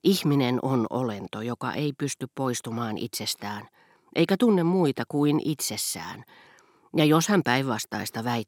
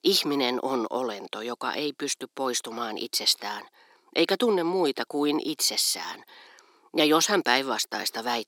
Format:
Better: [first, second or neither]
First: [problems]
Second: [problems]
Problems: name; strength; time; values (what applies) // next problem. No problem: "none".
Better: first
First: none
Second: thin; somewhat; fading below 350 Hz